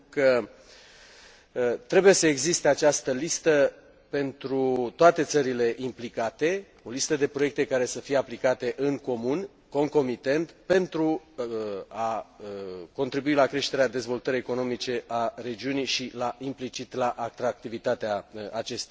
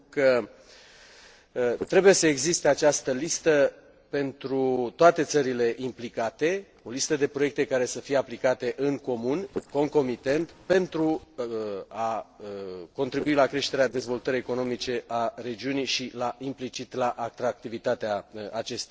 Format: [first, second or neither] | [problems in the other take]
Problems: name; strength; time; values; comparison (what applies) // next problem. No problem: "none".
first | noise reduction (neural separator model SepFormer DNS4)